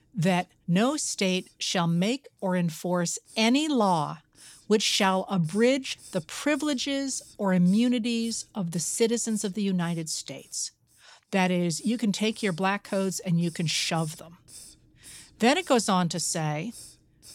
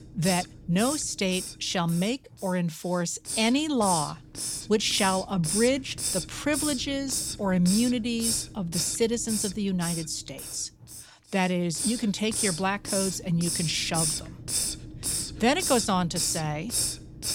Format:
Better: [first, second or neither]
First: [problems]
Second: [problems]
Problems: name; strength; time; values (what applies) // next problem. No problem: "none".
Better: first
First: hiss; faint; throughout; 25 dB below the speech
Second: hiss; loud; throughout; 3 dB below the speech